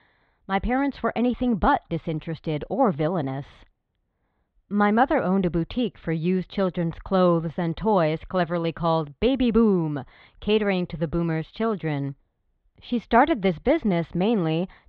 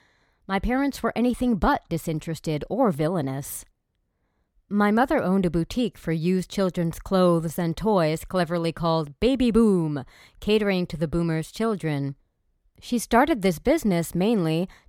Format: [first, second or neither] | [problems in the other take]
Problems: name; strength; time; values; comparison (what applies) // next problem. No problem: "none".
second | muffled; slightly; fading above 3.5 kHz